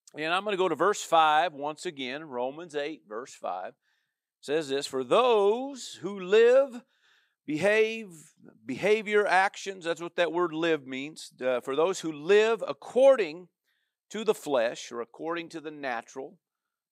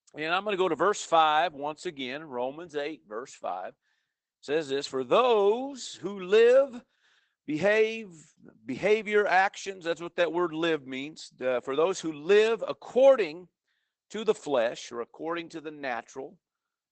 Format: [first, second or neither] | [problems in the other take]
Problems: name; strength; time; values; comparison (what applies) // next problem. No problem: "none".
first | garbled, watery; badly; nothing above 8 kHz